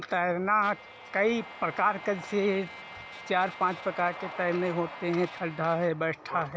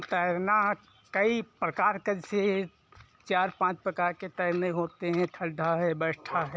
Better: second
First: background sound (Trumpet + Train); 15 dB below the speech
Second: none

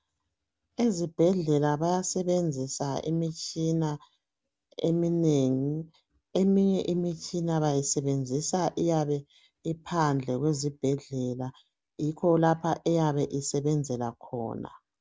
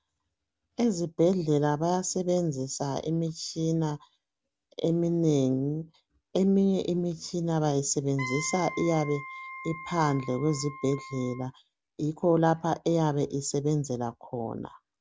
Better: first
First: none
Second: background sound (Wind instrument, woodwind instrument); 13 dB below the speech

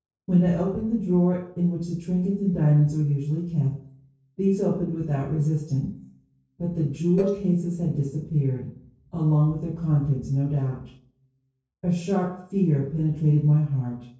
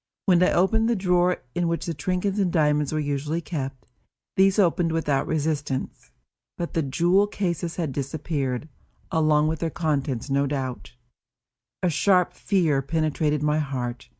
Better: second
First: noise reduction (neural separator model SepFormer DNS4)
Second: none

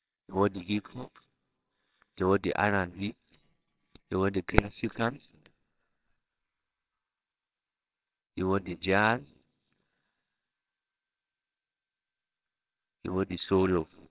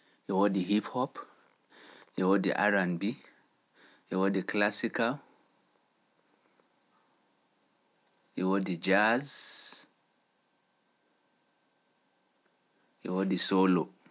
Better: second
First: noise reduction (neural separator model SepFormer WHAMR!)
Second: none

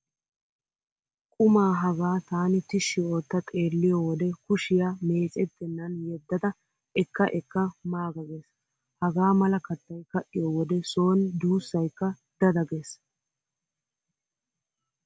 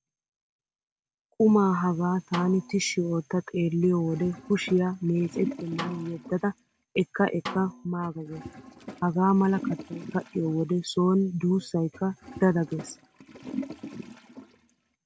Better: first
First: none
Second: background sound (Snare drum + Toilet flush); 13 dB below the speech

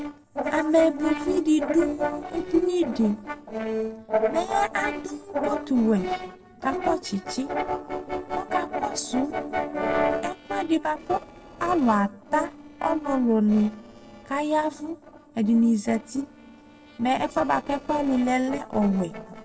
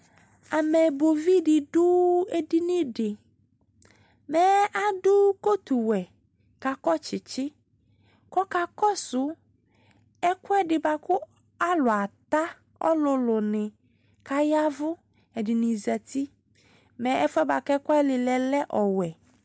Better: second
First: noise reduction (neural separator model SepFormer DNS4)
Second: none

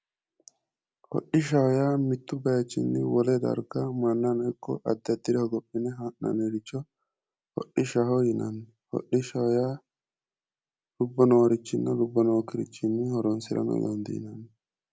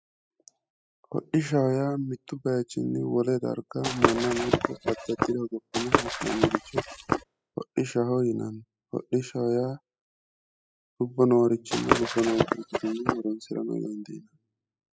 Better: first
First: none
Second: noise reduction (classical method spectral subtraction)

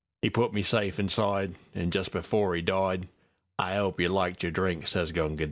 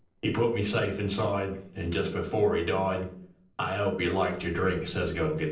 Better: first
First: none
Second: noise reduction (neural separator model SepFormer DNS4)

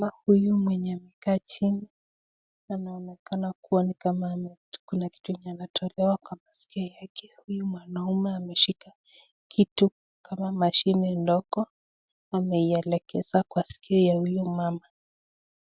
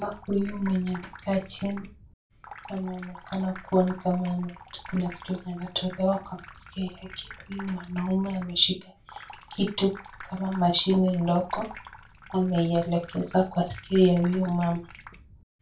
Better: first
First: none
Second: background sound (Sink (filling or washing) / Water tap, faucet); 18 dB below the speech // room echo; dies away in 0.3 s

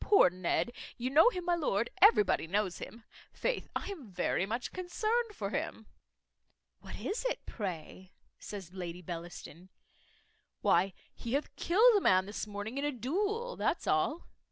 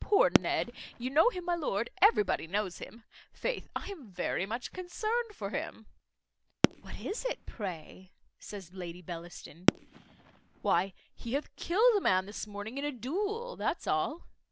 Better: first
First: none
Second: background sound (Fireworks); 1 dB below the speech

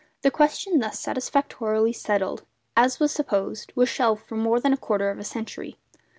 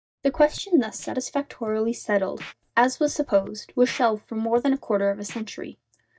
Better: first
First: none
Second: noise reduction (neural mask model DeepFilterNet 3)

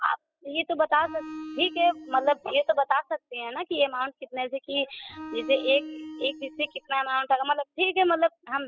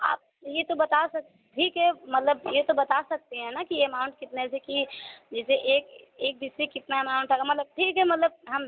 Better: second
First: noise reduction (classical method spectral subtraction)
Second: none

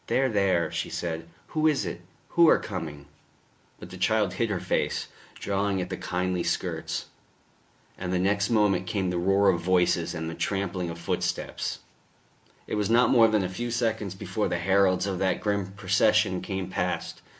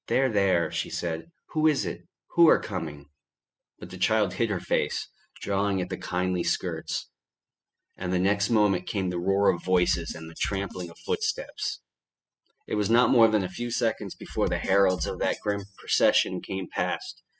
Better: first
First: none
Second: noise reduction (classical method spectral subtraction)

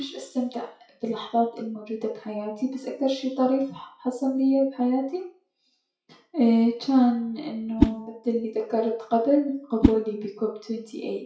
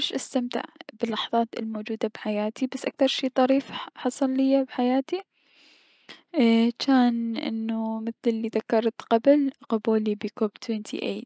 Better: second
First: noise reduction (classical method WPE with log-MMSE)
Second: none

